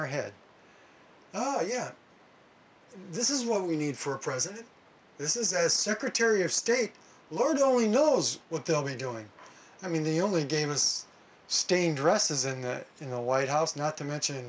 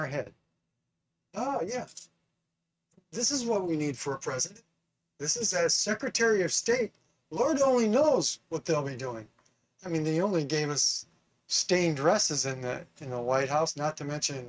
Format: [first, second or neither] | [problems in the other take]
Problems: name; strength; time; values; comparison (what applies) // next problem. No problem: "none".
first | noise reduction (neural mask model RNNoise)